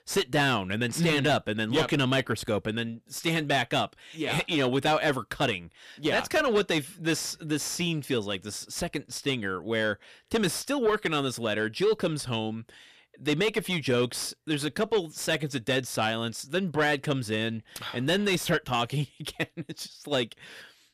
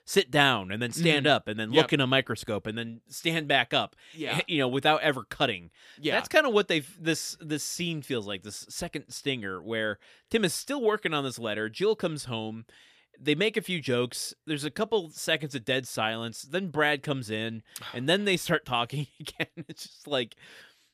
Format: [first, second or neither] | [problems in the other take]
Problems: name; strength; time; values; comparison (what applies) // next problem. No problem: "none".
second | distortion; heavy; 8 dB below the speech